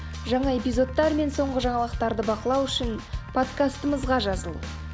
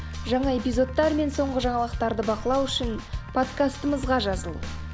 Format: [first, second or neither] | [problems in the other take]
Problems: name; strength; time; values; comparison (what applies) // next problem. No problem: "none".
first | background sound (Meow / Purr); 18 dB below the speech